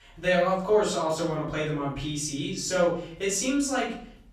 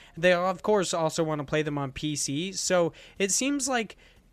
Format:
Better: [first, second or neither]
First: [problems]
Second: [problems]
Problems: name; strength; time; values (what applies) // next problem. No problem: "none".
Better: second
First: off-mic speech; far // room echo; noticeable; dies away in 0.5 s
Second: none